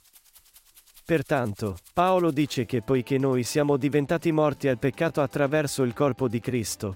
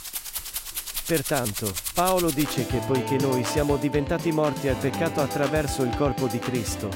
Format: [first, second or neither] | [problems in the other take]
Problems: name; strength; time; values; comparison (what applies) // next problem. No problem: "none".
first | background music; loud; throughout; 4 dB below the speech; faint in the first